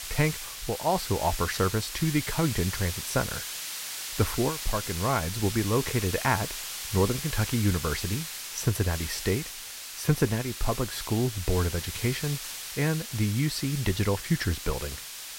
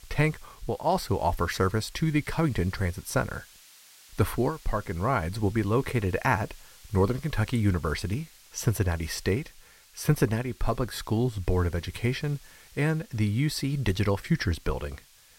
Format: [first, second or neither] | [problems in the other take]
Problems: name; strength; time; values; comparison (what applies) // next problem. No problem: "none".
second | hiss; loud; throughout; 6 dB below the speech; faint in the second